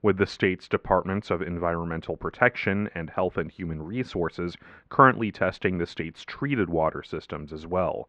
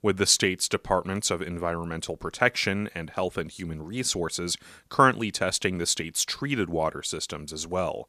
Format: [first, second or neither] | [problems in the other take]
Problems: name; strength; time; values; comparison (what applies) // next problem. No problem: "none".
second | muffled; very; fading above 2 kHz